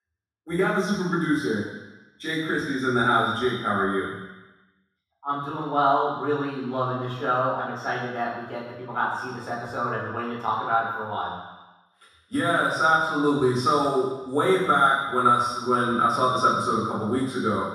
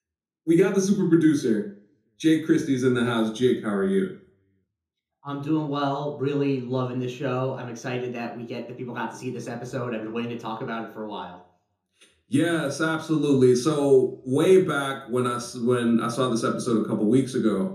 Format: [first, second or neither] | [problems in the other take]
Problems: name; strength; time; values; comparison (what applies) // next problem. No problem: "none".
second | room echo; strong; dies away in 1.2 s; slight in the second // off-mic speech; far; far in the second